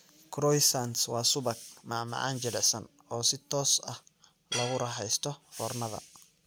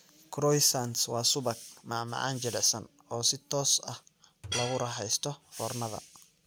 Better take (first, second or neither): first